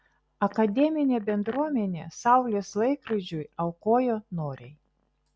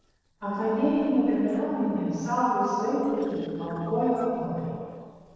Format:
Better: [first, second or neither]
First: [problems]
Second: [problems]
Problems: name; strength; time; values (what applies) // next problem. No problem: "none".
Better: first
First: none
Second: noise reduction (neural separator model SepFormer DNS4)